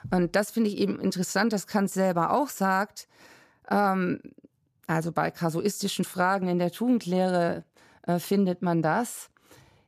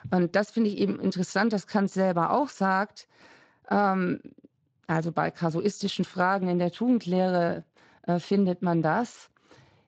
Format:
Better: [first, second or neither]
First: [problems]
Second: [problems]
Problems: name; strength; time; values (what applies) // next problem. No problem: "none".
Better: first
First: none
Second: garbled, watery; slightly; nothing above 7.5 kHz